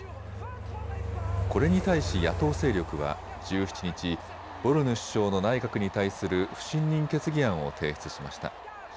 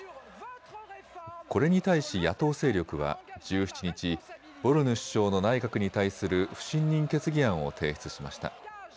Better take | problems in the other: second | background sound (Train); 7 dB below the speech

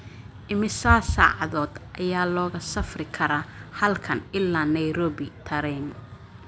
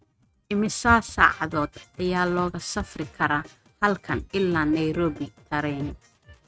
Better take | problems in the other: first | noise reduction (neural mask model RNNoise)

